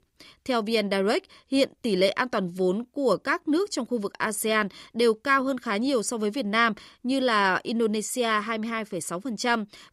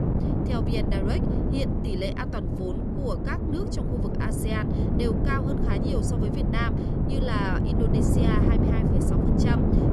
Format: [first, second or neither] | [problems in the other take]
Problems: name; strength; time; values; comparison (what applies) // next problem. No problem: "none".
first | wind noise on the microphone; heavy; 2 dB above the speech